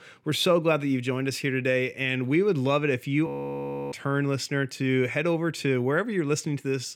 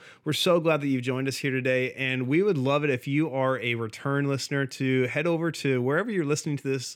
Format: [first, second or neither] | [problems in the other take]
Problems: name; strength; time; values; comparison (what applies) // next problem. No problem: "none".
second | audio freezing; at 3.5 s for 0.5 s